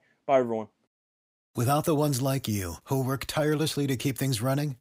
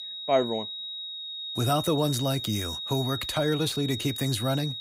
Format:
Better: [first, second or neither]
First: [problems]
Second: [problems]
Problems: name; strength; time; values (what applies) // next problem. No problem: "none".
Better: first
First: none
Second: high-pitched whine; loud; throughout; 4 kHz, 6 dB below the speech